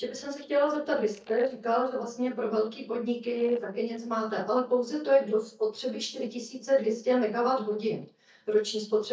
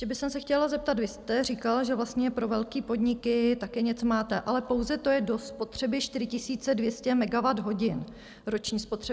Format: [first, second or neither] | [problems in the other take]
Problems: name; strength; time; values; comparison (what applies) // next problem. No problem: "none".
second | noise reduction (neural mask model DeepFilterNet 3)